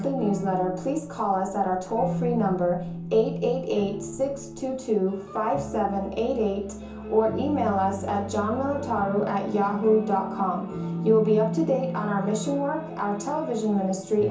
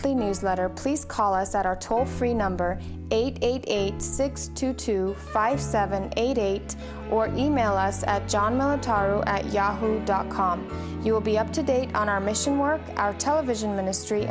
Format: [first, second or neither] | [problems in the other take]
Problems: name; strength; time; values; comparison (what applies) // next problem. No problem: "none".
second | room echo; dies away in 0.6 s